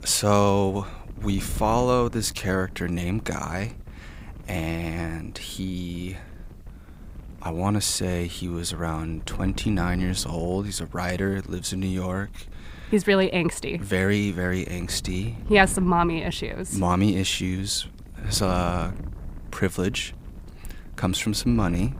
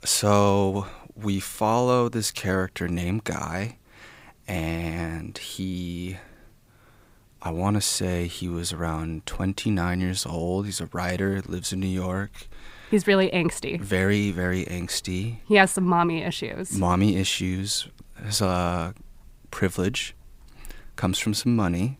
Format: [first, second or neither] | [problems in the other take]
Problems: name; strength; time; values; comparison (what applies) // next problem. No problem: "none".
second | wind noise on the microphone; occasional gusts; 25 dB below the speech